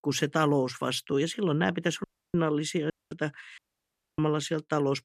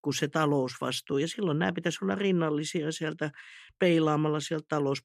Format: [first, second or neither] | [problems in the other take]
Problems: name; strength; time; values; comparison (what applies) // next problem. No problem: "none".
second | audio cutting out; at 2 s, at 3 s and at 3.5 s for 0.5 s